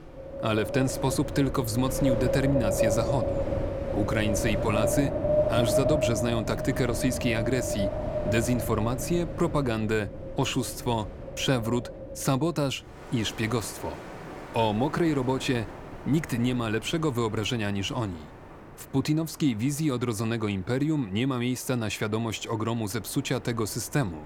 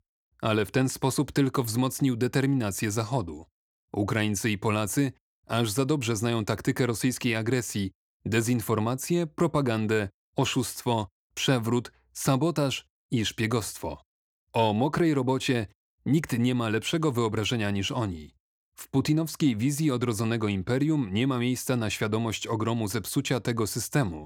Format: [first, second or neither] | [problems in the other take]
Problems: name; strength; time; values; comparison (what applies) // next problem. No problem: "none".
second | wind in the background; loud; throughout; 3 dB below the speech